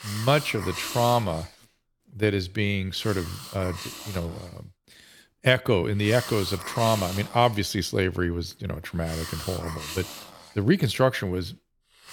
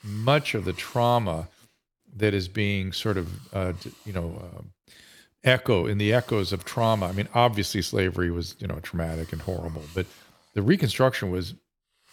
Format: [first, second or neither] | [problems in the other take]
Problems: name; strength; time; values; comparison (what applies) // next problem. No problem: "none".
second | hiss; loud; throughout; 10 dB below the speech; faint in the second